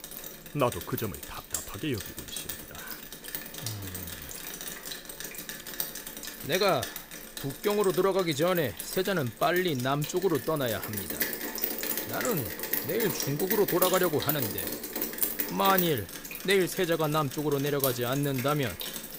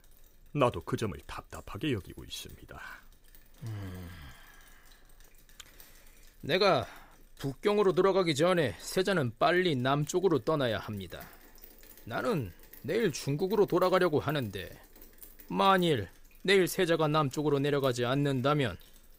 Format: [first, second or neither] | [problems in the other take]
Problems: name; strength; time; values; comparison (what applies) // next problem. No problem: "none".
second | rain or running water; loud; throughout; 5 dB below the speech; faint in the second